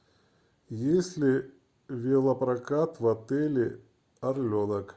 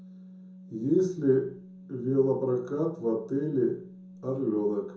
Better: first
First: none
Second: background sound (Organ); 19 dB below the speech // room echo; dies away in 0.5 s

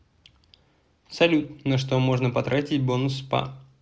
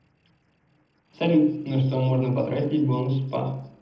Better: first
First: none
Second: noise reduction (neural separator model SepFormer DNS4)

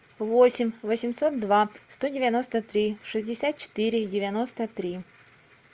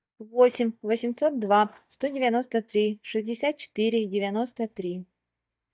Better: first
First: none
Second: noise reduction (neural mask model DeepFilterNet 3)

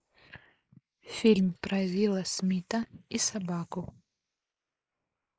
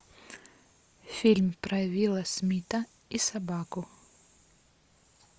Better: second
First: noise reduction (neural mask model Resemble Enhance denoiser)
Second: none

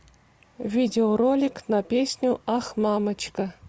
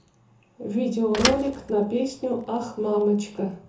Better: first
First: none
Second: background sound (Thump, thud); 8 dB below the speech // room echo; dies away in 0.6 s

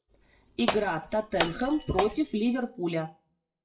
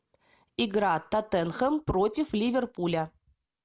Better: second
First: noise reduction (classical method WPE with log-MMSE)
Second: none

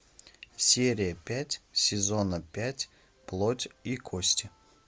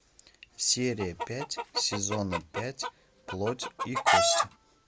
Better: first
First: none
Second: background sound (Chicken, rooster); 2 dB above the speech

